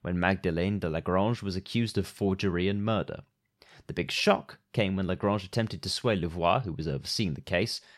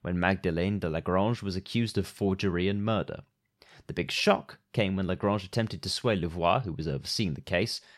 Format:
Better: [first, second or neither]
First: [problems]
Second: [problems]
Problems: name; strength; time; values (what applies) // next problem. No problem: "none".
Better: neither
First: none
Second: none